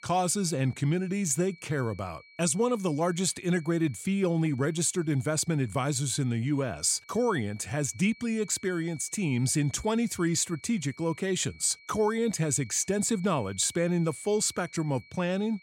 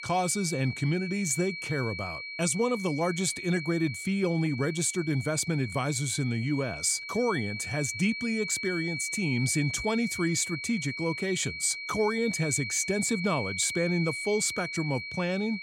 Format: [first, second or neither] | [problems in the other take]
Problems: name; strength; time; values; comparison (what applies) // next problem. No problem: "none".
first | high-pitched whine; loud; throughout; 2.5 kHz, 6 dB below the speech; faint in the first